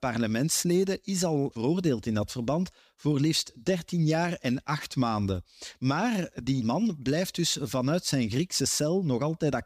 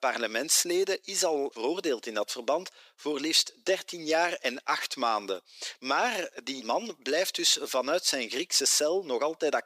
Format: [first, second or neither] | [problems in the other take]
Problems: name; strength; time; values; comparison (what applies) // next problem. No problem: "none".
first | thin; very; fading below 400 Hz